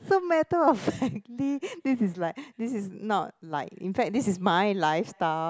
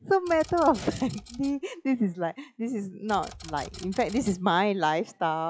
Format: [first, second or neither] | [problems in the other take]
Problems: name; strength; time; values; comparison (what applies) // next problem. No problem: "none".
first | noise reduction (classical method log-MMSE)